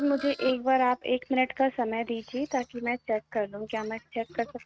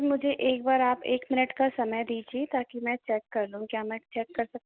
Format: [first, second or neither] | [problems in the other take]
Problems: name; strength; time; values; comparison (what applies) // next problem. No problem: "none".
second | noise reduction (neural mask model RNNoise)